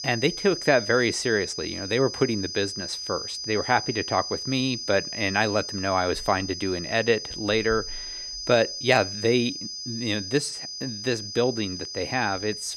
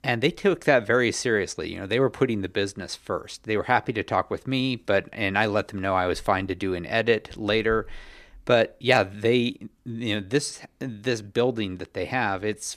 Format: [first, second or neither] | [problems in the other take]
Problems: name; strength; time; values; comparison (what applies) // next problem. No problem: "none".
second | high-pitched whine; loud; throughout; 5 kHz, 7 dB below the speech